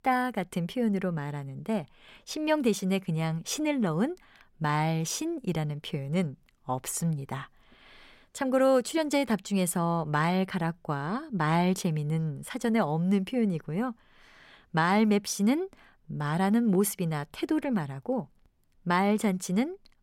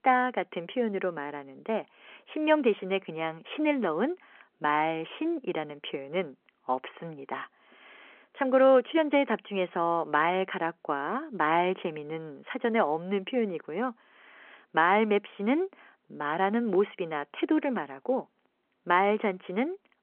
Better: first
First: none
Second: phone-call audio

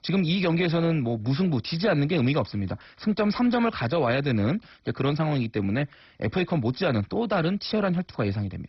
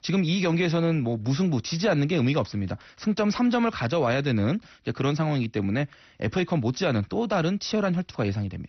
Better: second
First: garbled, watery; badly; nothing above 5.5 kHz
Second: garbled, watery; slightly; nothing above 6 kHz

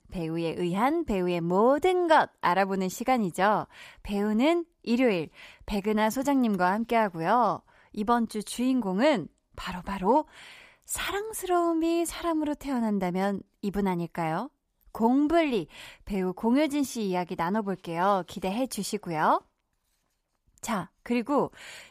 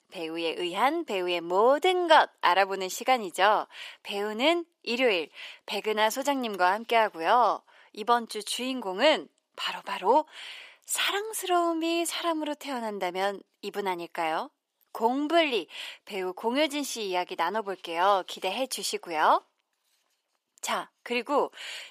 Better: first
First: none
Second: thin; somewhat; fading below 350 Hz

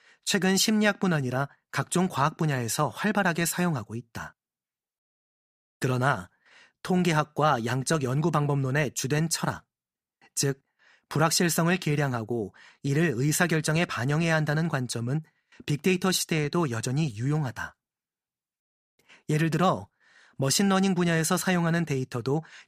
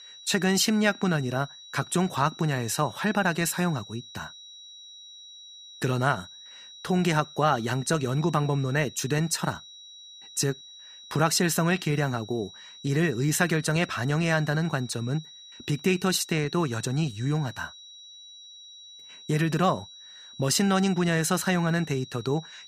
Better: first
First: none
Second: high-pitched whine; noticeable; throughout; 4 kHz, 20 dB below the speech

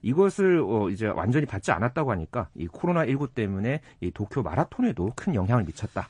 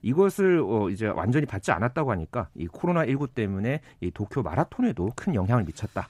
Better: second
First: garbled, watery; slightly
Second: none

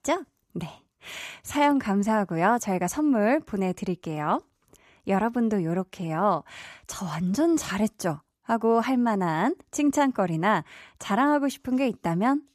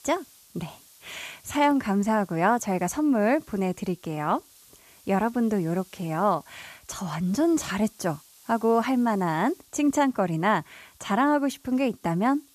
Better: first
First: none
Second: hiss; faint; throughout; 25 dB below the speech

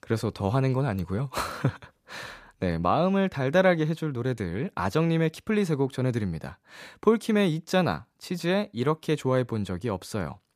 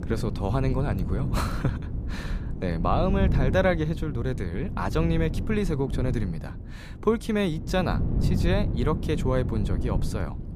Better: first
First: none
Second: wind noise on the microphone; occasional gusts; 10 dB below the speech

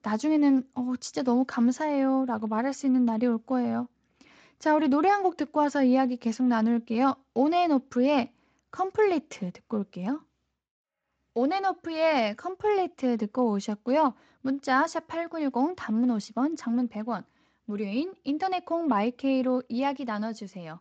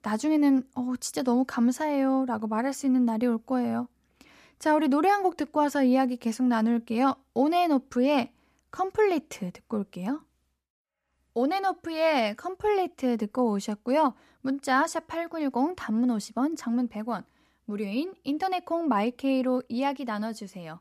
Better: second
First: garbled, watery; slightly; nothing above 7.5 kHz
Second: none

